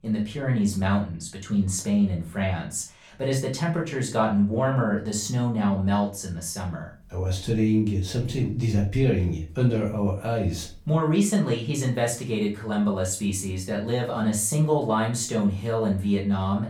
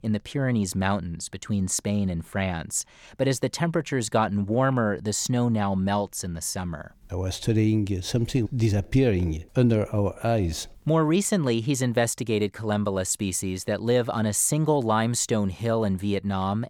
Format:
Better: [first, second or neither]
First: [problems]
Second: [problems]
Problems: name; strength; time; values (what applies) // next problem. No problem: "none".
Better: second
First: off-mic speech; far // room echo; slight; dies away in 0.3 s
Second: none